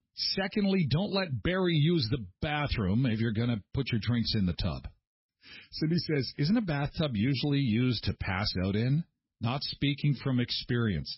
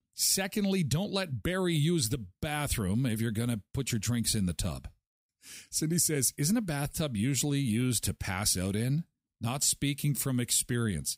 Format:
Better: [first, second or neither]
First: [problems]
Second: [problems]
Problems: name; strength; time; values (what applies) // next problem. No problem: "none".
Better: second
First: garbled, watery; badly; nothing above 5.5 kHz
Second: none